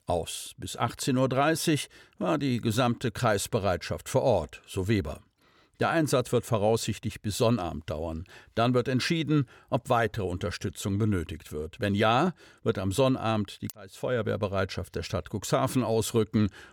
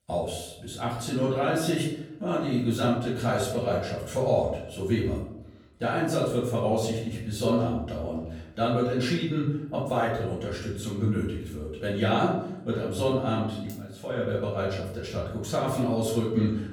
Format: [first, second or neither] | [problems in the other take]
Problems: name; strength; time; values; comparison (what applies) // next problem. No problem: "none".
first | room echo; noticeable; dies away in 0.7 s // off-mic speech; far